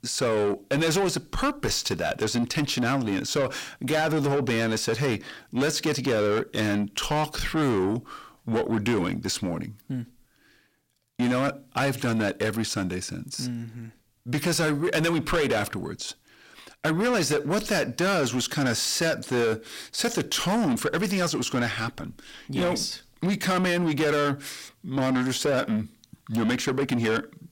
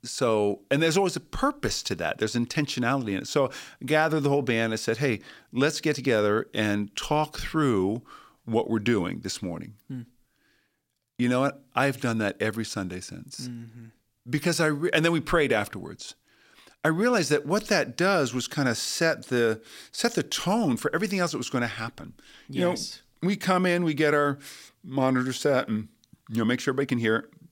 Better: second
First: distortion; heavy; 8 dB below the speech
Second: none

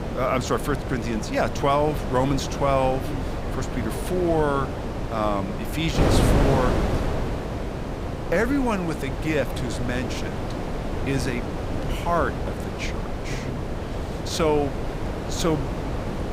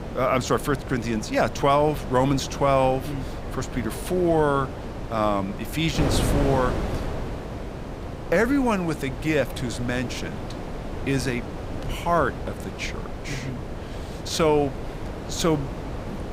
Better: second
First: wind noise on the microphone; heavy; 5 dB below the speech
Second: wind noise on the microphone; occasional gusts; 10 dB below the speech

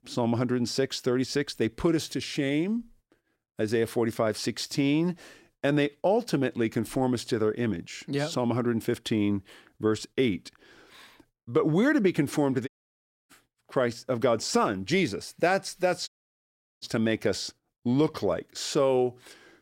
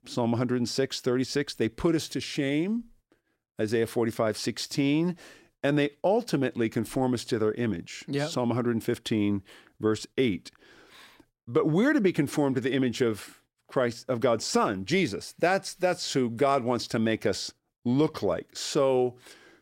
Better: second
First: audio cutting out; at 13 s for 0.5 s and at 16 s for 0.5 s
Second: none

